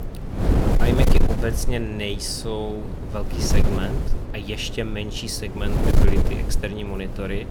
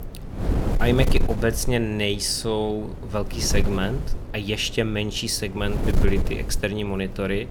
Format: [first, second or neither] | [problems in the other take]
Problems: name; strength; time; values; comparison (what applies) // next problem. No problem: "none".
second | wind noise on the microphone; heavy; 2 dB below the speech; occasional gusts in the second